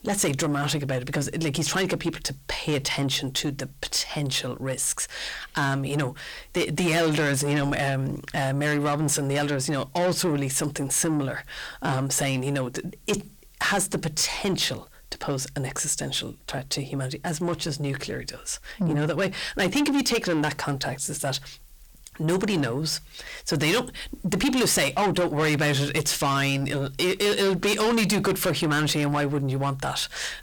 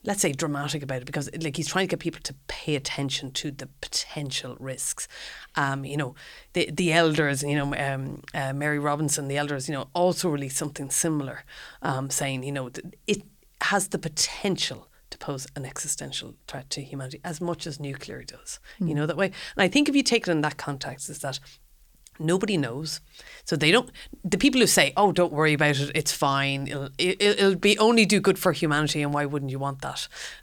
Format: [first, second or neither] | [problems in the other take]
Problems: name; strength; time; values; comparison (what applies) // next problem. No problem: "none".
second | distortion; heavy; 6 dB below the speech